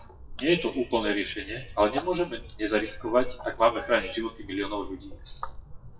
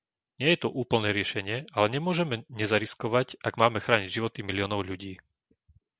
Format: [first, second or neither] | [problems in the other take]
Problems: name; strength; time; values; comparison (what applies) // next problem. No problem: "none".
second | noise reduction (classical method WPE with log-MMSE)